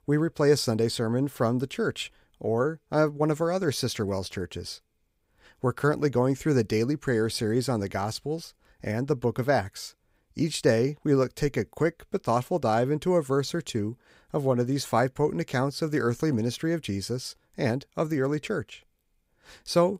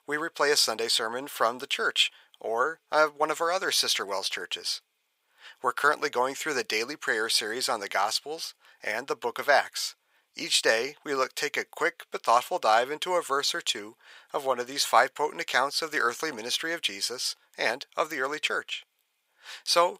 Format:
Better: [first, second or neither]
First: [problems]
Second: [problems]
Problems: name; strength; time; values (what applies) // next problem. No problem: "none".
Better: first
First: none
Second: thin; very; fading below 950 Hz